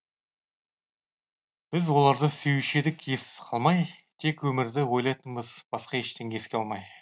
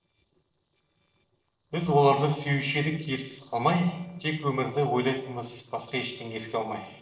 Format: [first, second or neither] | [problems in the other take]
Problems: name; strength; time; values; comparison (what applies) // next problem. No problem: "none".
first | noise reduction (neural separator model SepFormer DNS4)